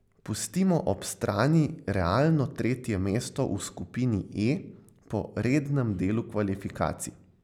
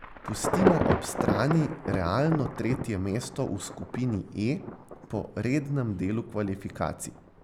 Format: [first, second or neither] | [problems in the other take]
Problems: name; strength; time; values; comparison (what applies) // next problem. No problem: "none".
first | background sound (Thunder / Traffic noise, roadway noise / Rain / Insect); 3 dB below the speech